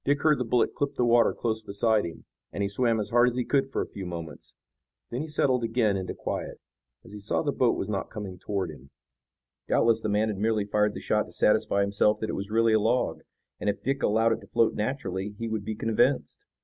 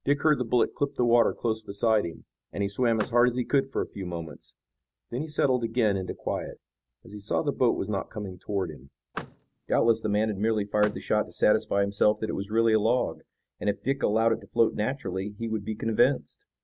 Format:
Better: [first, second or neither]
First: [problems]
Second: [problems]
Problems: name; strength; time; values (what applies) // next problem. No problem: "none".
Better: first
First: none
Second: background sound (Vehicle); 16 dB below the speech